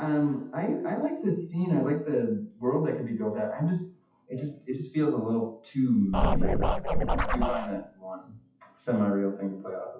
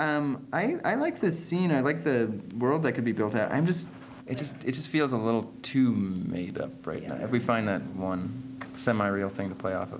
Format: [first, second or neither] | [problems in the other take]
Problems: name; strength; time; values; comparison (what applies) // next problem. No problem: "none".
second | noise reduction (classical method WPE with log-MMSE)